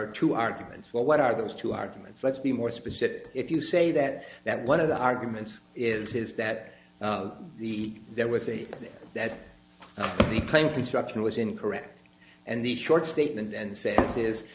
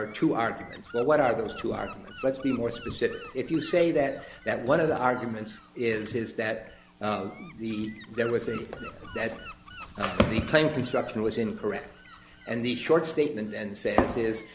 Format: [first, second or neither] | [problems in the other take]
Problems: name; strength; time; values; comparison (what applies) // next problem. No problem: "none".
first | background sound (Gull, seagull / Wind); 19 dB below the speech